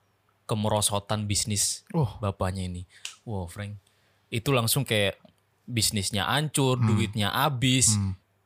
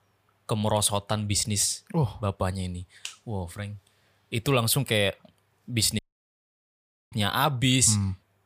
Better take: first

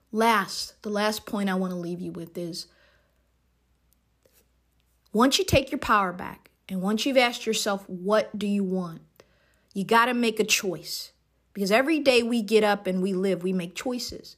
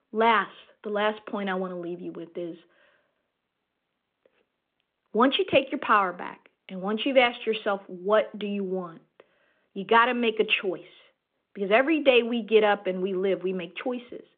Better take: first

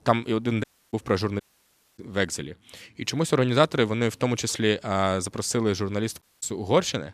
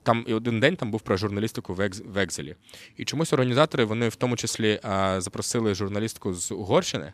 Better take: second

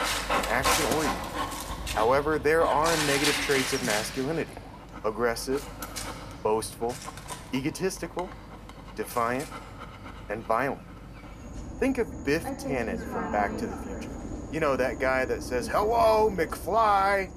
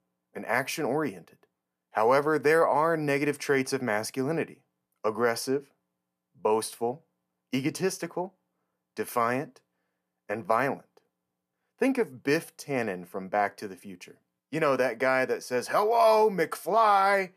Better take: second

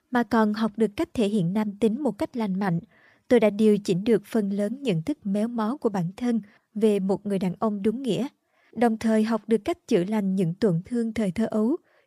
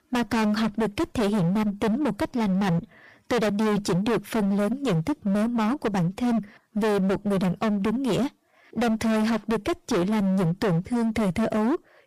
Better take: first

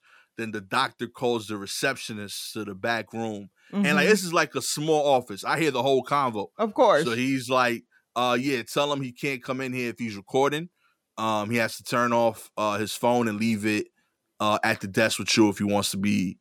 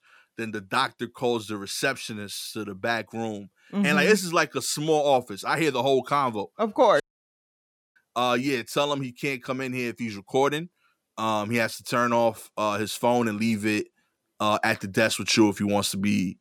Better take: first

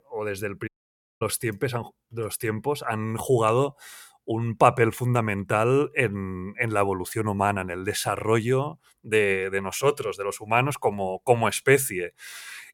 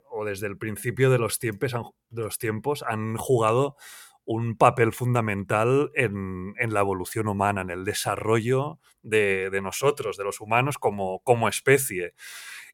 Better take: second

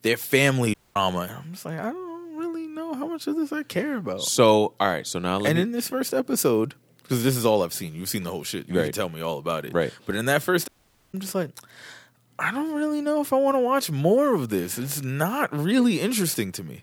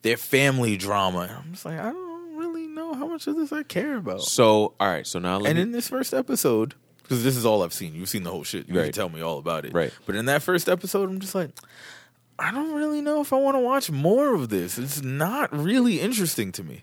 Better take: second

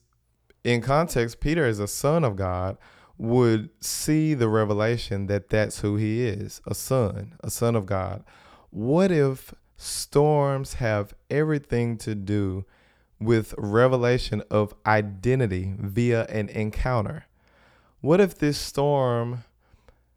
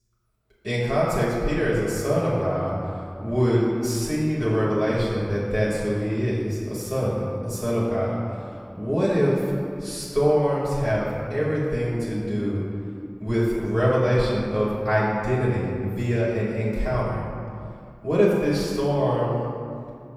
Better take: first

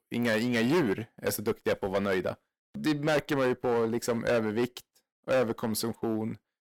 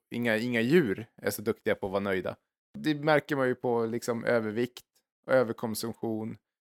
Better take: second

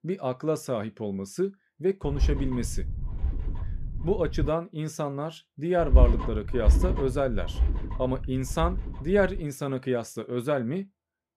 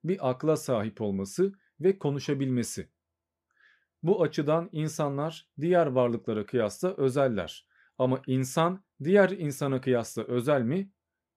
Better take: second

